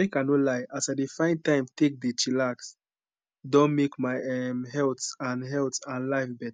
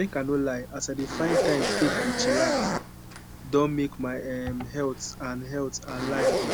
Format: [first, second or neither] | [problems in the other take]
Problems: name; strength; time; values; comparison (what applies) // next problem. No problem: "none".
first | background sound (Zipper (clothing)); 1 dB below the speech